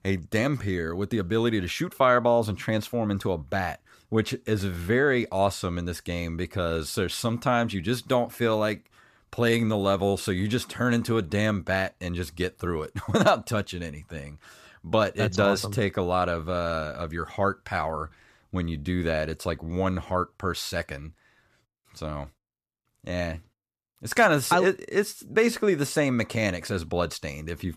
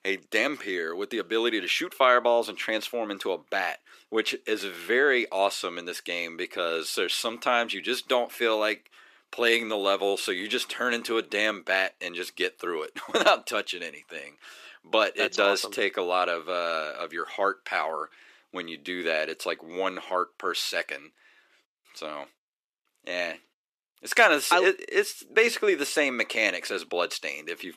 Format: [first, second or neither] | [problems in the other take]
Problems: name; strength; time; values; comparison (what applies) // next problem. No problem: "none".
first | thin; somewhat; fading below 350 Hz